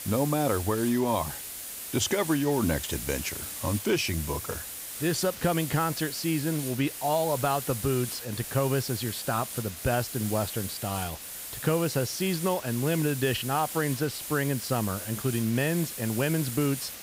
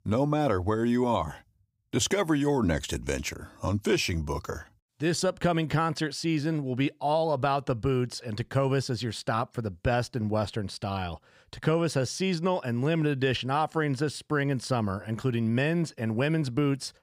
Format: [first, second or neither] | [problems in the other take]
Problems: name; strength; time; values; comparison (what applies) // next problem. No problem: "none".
second | hiss; loud; throughout; 7 dB below the speech